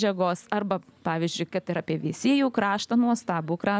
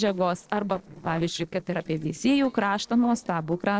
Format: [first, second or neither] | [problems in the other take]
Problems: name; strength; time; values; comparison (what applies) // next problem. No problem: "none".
first | noise reduction (neural separator model SepFormer DNS4)